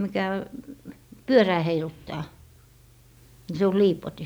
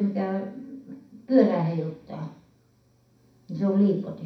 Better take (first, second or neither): first